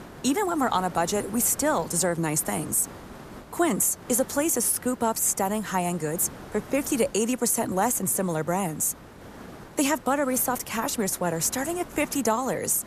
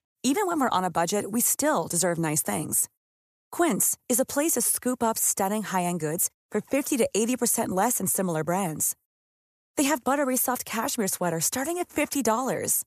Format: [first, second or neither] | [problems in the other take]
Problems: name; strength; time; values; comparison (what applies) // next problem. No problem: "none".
second | hiss; noticeable; throughout; 20 dB below the speech